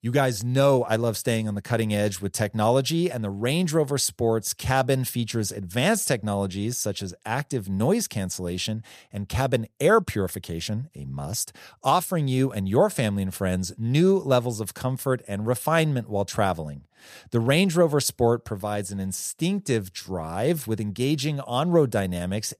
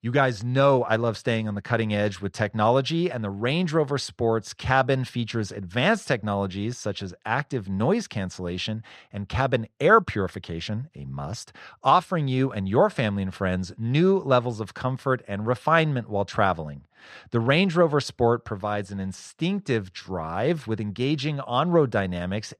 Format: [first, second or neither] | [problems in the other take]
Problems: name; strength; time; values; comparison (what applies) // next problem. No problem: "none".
first | muffled; slightly; fading above 3.5 kHz